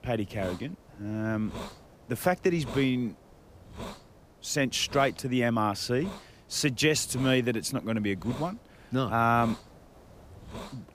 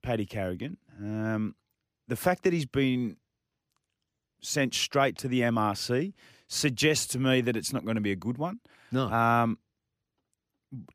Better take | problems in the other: second | hiss; noticeable; throughout; 15 dB below the speech

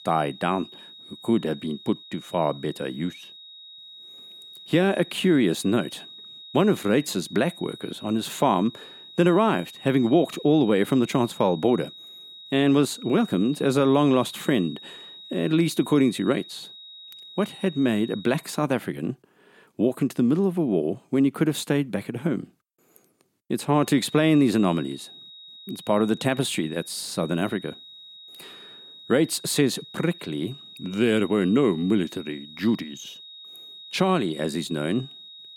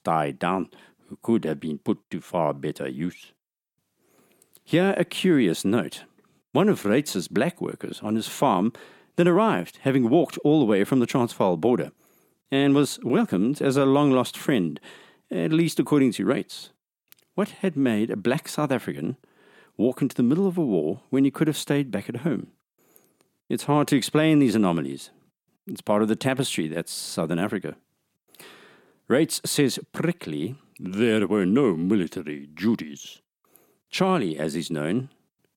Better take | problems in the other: second | high-pitched whine; noticeable; until 18 s and from 24 s on; 4 kHz, 20 dB below the speech

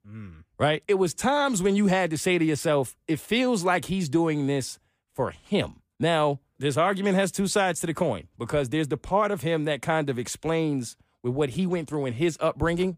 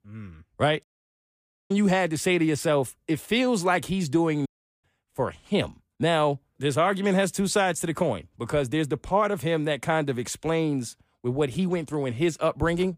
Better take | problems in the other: first | audio cutting out; at 1 s for 1 s and at 4.5 s

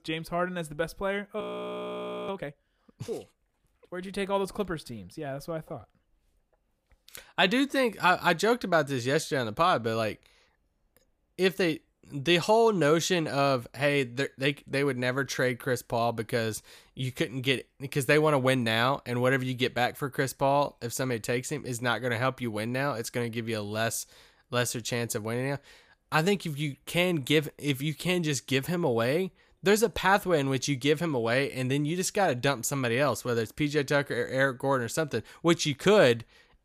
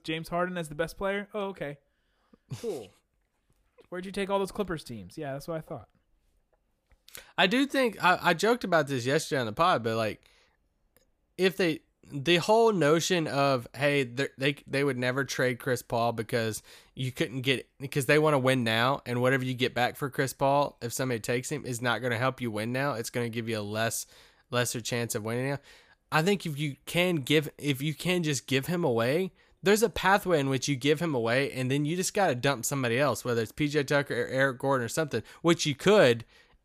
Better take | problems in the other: second | audio freezing; at 1.5 s for 1 s

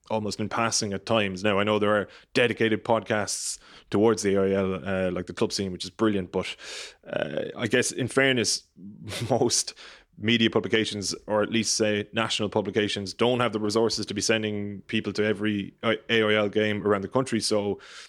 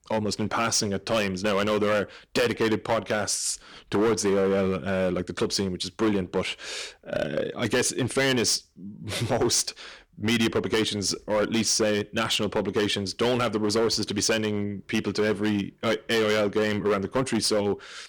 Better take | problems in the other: first | distortion; heavy; 10% of the sound clipped

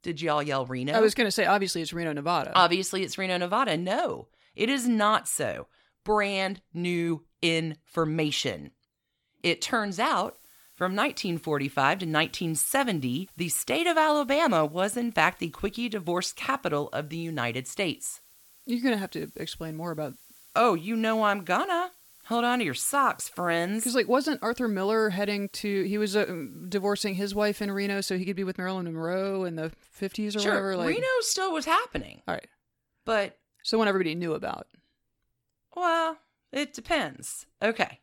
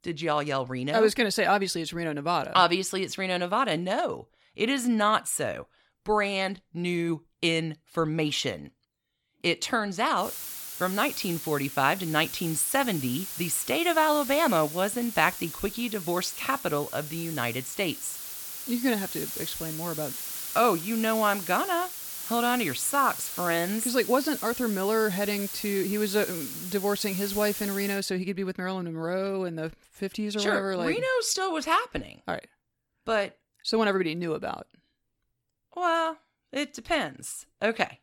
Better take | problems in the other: first | hiss; loud; from 10 to 28 s; 7 dB below the speech; faint in the first

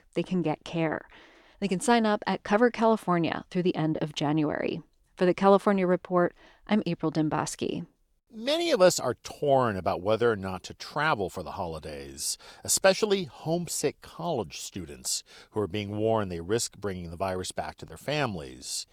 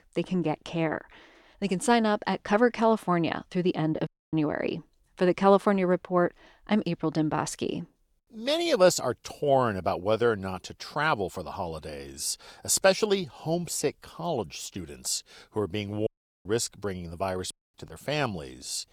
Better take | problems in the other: first | audio cutting out; at 4 s, at 16 s and at 18 s

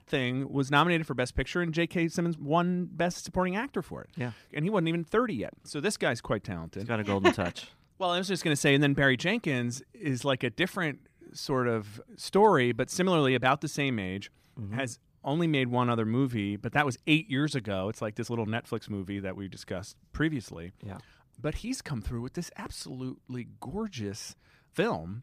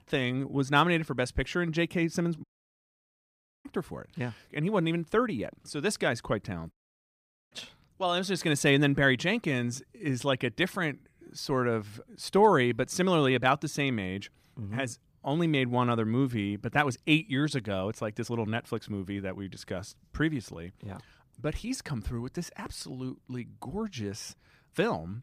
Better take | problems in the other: first | audio cutting out; at 2.5 s for 1 s and at 6.5 s for 1 s

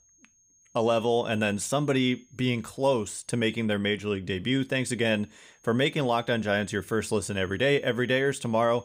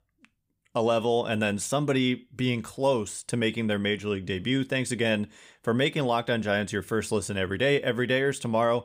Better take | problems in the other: second | high-pitched whine; faint; until 3.5 s and from 4.5 s on; 6.5 kHz, 35 dB below the speech

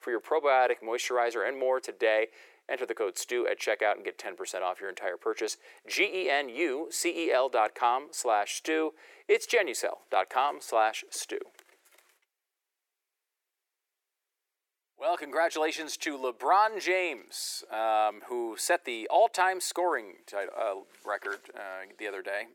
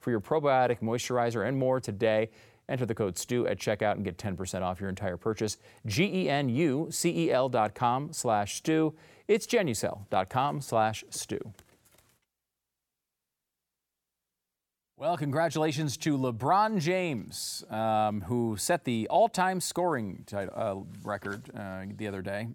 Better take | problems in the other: second | thin; very; fading below 350 Hz

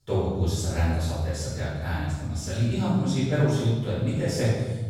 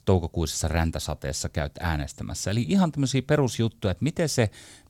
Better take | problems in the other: second | off-mic speech; far // room echo; strong; dies away in 1.2 s

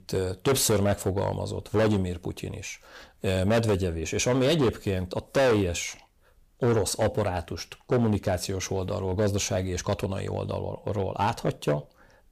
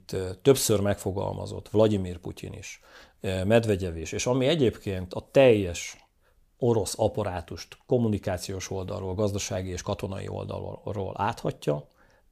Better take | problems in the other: second | distortion; heavy; 7% of the sound clipped

